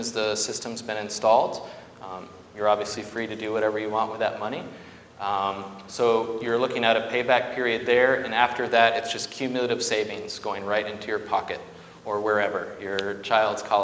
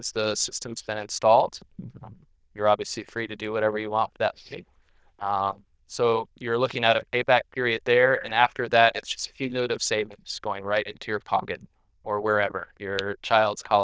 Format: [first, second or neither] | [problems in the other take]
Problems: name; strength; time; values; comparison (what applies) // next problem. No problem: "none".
first | noise reduction (neural diffusion model UNIVERSE++)